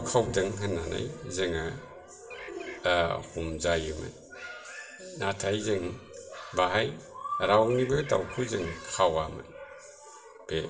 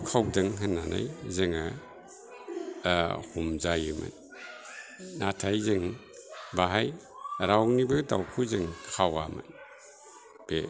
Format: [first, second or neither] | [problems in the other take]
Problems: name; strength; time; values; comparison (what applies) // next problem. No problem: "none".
second | background sound (Bird); 15 dB below the speech // room echo; dies away in 0.6 s